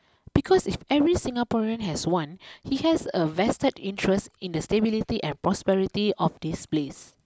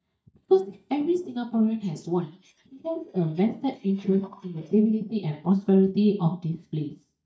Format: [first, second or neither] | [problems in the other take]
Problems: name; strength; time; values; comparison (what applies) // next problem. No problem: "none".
first | noise reduction (neural mask model DeepFilterNet 3)